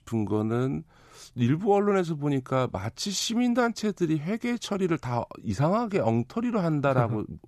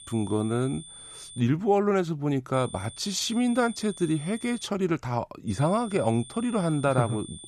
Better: first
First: none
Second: high-pitched whine; noticeable; until 1.5 s, from 2.5 to 4.5 s and from 5.5 s on; 3.5 kHz, 15 dB below the speech

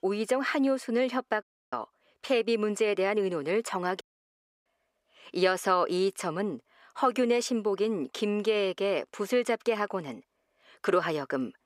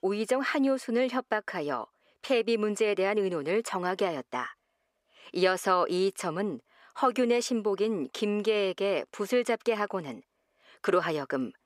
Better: second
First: audio cutting out; at 1.5 s and at 4 s for 0.5 s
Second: none

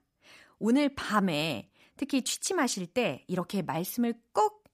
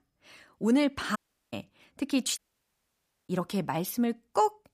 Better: first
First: none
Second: audio cutting out; at 1 s and at 2.5 s for 1 s

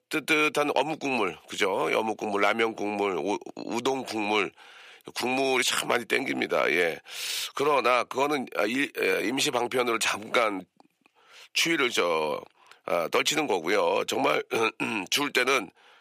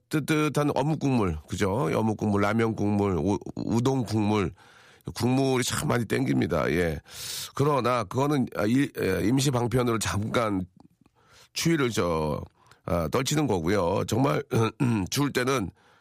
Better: second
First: thin; somewhat; fading below 450 Hz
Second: none

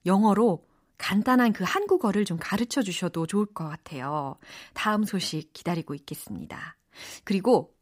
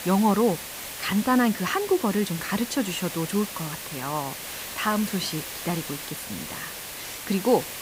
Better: first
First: none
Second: hiss; loud; throughout; 8 dB below the speech

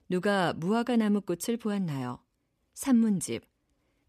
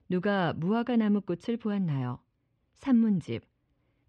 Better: first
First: none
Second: muffled; slightly; fading above 3.5 kHz

